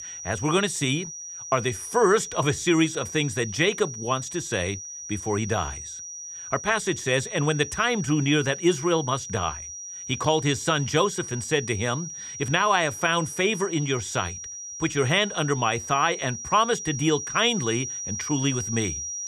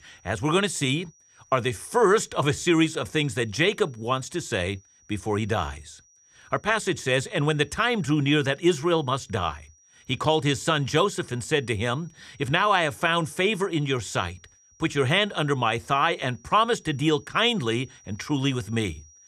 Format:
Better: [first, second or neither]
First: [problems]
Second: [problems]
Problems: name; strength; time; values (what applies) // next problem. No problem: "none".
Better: second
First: high-pitched whine; loud; throughout; 5.5 kHz, 9 dB below the speech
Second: high-pitched whine; faint; throughout; 5.5 kHz, 30 dB below the speech